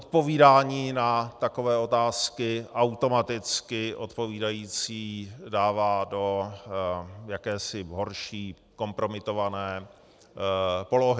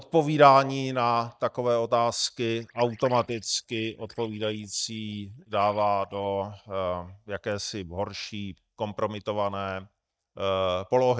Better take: first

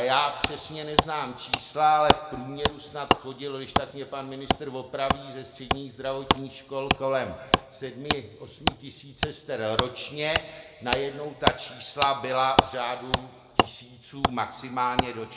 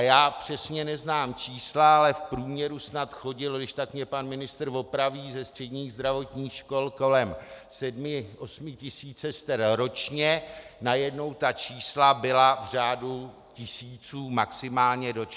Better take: second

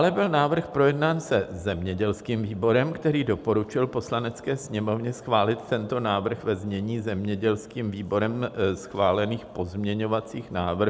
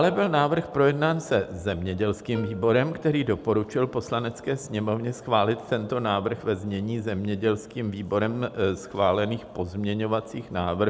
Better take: first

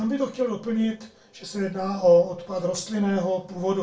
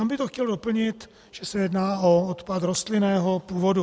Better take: second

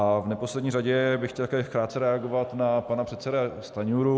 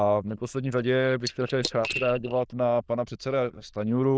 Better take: first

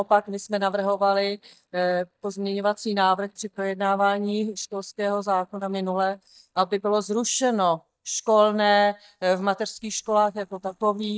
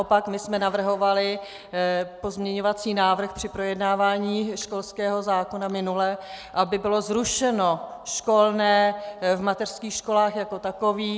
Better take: second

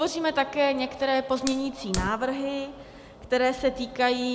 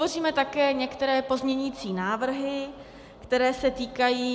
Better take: second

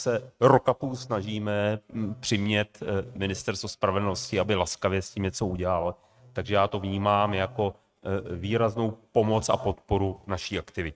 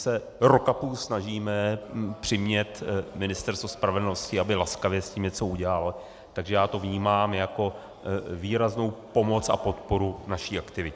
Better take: second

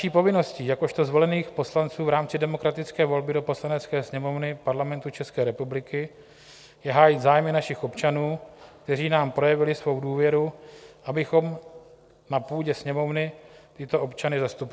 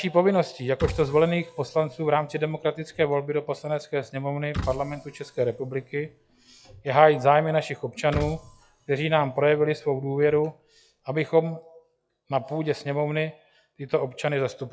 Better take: first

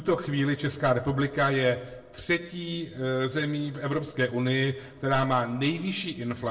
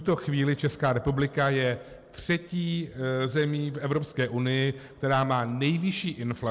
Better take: second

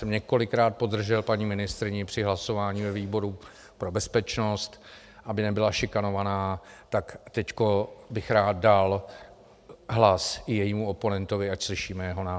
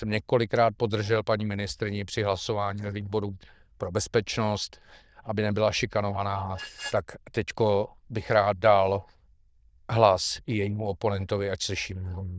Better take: first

